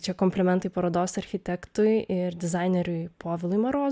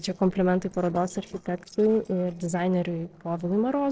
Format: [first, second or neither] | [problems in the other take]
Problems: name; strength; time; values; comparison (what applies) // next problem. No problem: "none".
first | noise reduction (neural separator model SepFormer DNS4)